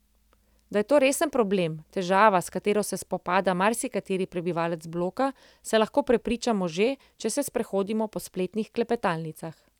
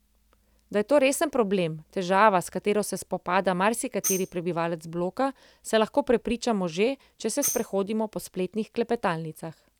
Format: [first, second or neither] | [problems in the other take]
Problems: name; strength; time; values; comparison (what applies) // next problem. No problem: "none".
first | background sound (Tambourine); 10 dB below the speech